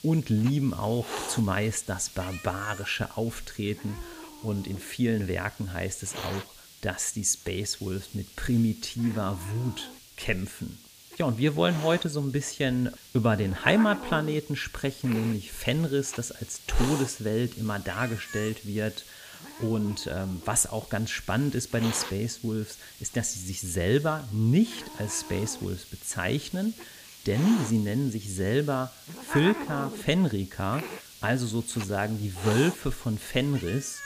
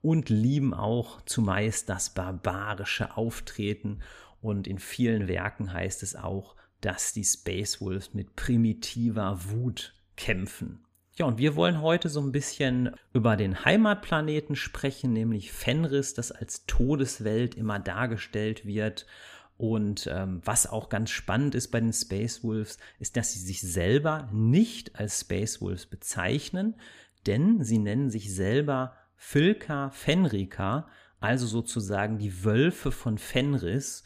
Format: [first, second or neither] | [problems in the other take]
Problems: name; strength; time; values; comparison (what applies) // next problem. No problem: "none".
second | hiss; noticeable; throughout; 15 dB below the speech